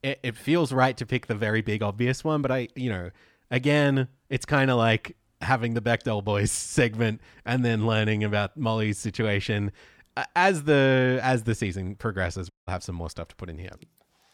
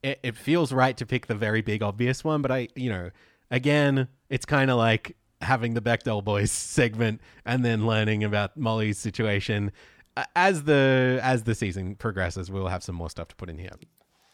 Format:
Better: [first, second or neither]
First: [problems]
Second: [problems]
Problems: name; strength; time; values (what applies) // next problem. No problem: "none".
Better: second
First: audio cutting out; at 13 s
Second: none